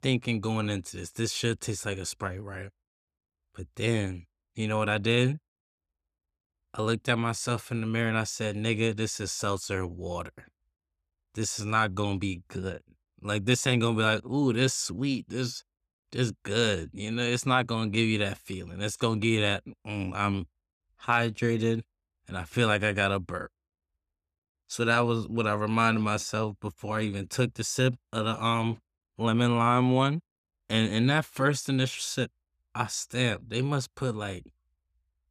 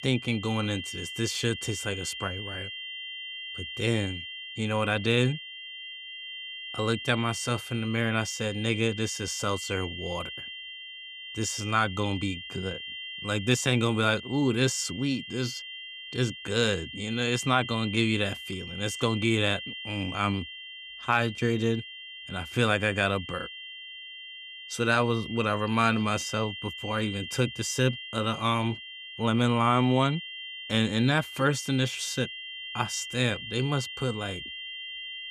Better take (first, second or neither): first